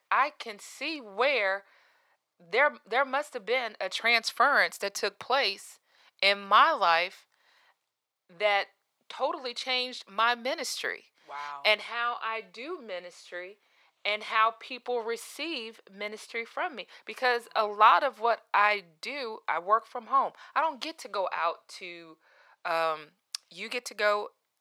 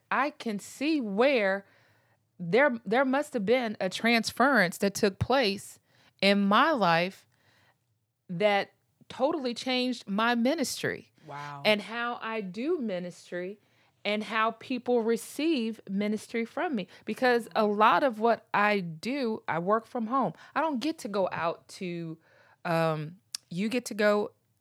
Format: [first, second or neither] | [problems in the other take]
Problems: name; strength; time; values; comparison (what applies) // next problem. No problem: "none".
second | thin; very; fading below 550 Hz